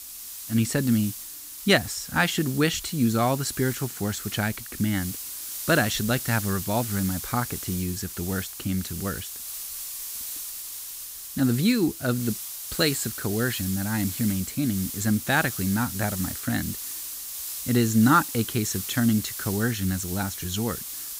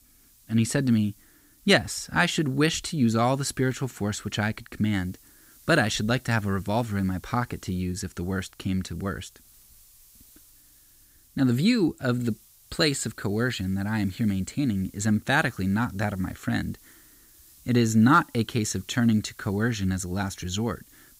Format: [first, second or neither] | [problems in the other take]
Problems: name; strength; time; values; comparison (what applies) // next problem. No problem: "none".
second | hiss; loud; throughout; 7 dB below the speech; faint in the second